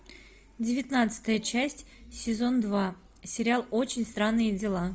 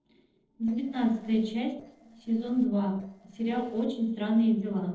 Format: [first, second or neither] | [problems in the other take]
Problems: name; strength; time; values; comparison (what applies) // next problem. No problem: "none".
first | noise reduction (neural separator model SepFormer DNS4)